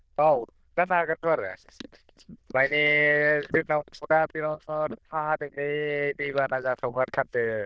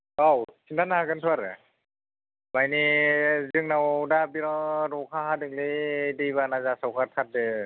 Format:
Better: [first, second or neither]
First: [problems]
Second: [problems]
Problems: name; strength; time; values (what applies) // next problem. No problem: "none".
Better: second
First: noise reduction (neural diffusion model UNIVERSE++)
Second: none